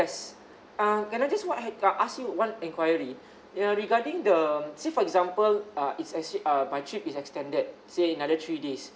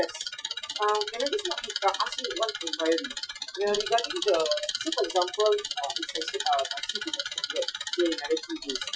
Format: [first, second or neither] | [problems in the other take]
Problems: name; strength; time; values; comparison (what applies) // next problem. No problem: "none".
first | noise reduction (classical method Wiener filter)